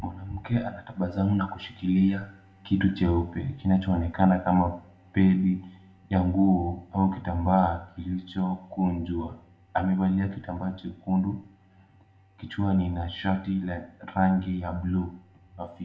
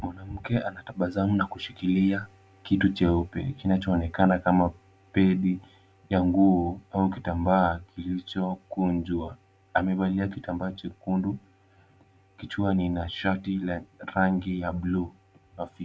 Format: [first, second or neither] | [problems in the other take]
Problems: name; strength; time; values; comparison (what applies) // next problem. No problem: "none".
second | room echo; dies away in 0.5 s